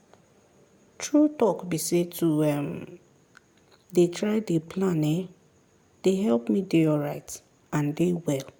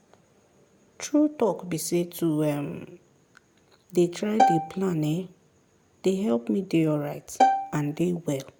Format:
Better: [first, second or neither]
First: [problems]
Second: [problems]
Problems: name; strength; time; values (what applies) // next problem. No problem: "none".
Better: first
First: none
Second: background sound (Bowed string instrument); 2 dB above the speech